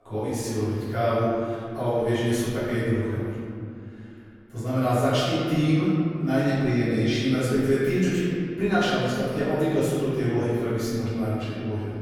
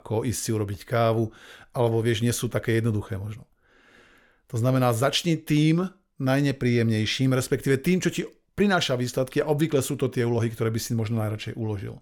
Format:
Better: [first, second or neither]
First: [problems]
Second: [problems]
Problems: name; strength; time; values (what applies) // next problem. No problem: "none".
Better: second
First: off-mic speech; far // room echo; strong; dies away in 2.3 s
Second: none